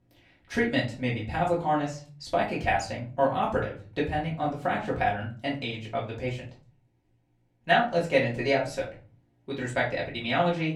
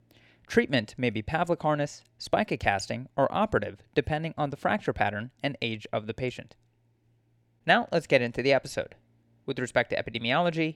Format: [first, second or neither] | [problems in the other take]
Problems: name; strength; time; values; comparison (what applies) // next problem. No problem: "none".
second | off-mic speech; far // room echo; slight; dies away in 0.3 s